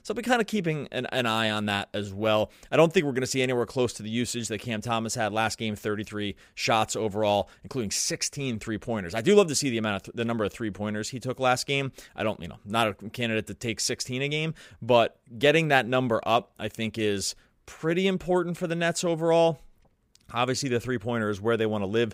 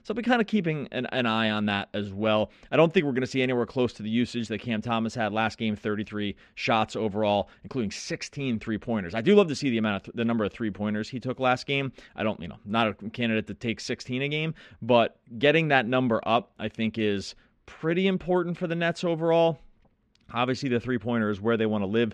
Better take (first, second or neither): first